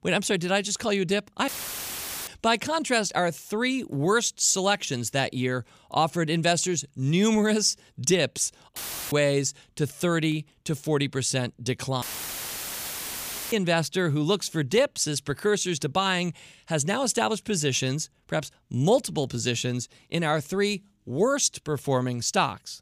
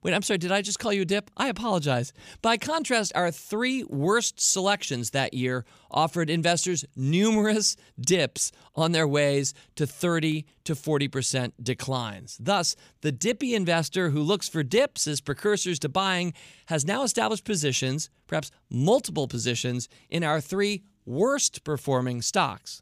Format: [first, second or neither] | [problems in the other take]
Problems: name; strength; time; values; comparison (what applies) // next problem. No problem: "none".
second | audio cutting out; filled with static; at 1.5 s for 1 s, at 9 s and at 12 s for 1.5 s